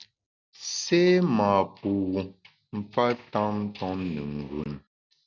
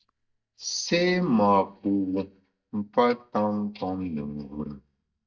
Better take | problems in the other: first | noise reduction (neural mask model DeepFilterNet 3)

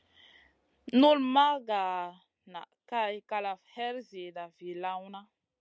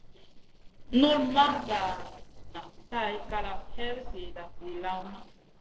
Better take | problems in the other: first | noise reduction (neural separator model SepFormer DNS4)

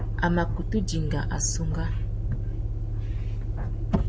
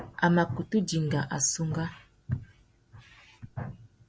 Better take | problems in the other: second | background sound (Motor vehicle (road)); 4 dB above the speech

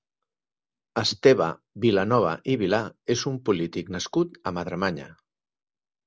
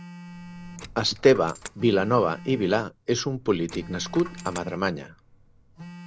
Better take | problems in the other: first | background sound (Telephone + Coin (dropping)); 16 dB below the speech

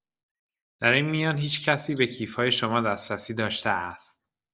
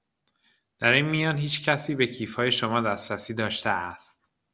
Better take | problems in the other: second | noise reduction (neural mask model DeepFilterNet 3)

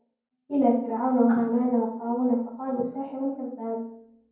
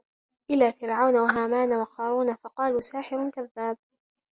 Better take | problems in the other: second | room echo; dies away in 0.9 s

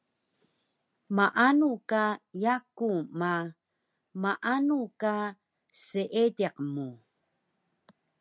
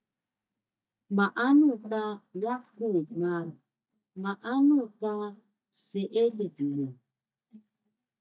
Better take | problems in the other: first | noise reduction (neural mask model DeepFilterNet 3)

